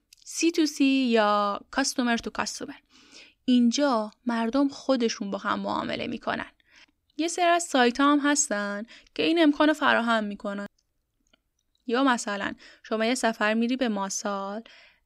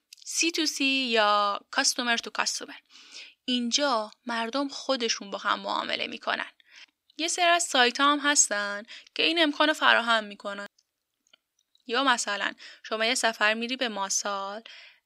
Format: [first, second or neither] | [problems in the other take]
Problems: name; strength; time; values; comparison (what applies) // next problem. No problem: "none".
first | thin; somewhat; fading below 900 Hz